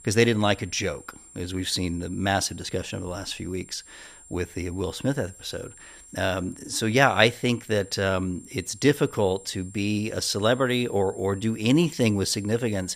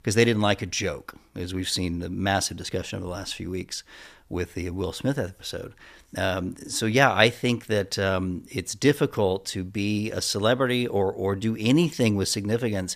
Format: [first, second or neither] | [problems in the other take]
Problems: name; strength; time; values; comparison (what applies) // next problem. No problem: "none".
second | high-pitched whine; faint; throughout; 7.5 kHz, 20 dB below the speech